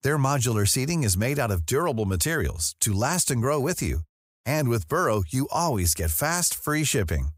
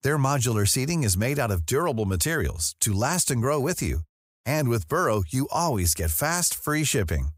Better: neither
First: none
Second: none

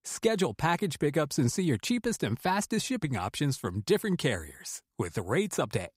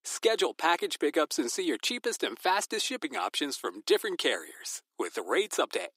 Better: first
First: none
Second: thin; somewhat; fading below 300 Hz

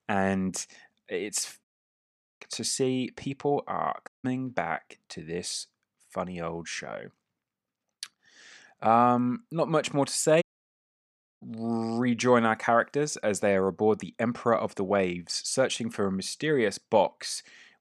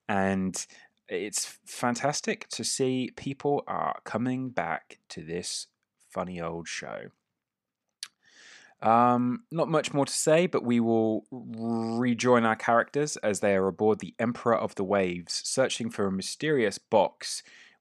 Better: second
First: audio cutting out; at 1.5 s for 1 s, at 4 s and at 10 s for 1 s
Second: none

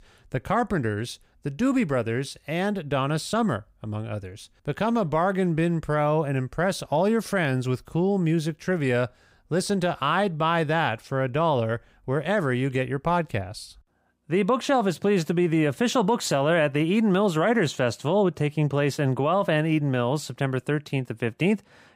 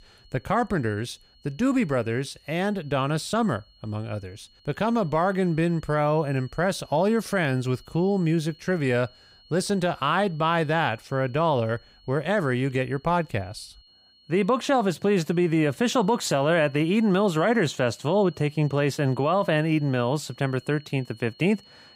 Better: first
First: none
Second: high-pitched whine; faint; throughout; 4.5 kHz, 30 dB below the speech

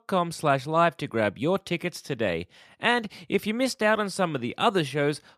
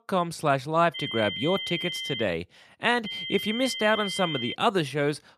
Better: first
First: none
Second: high-pitched whine; loud; from 1 to 2 s and from 3 to 4.5 s; 3 kHz, 5 dB below the speech

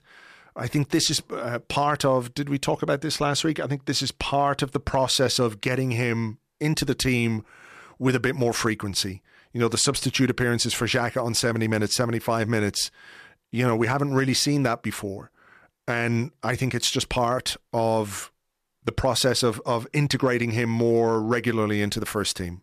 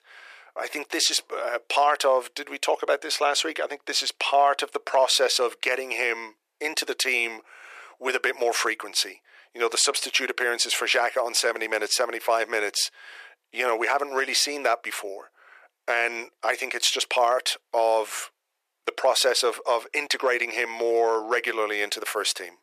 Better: first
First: none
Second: thin; very; fading below 400 Hz

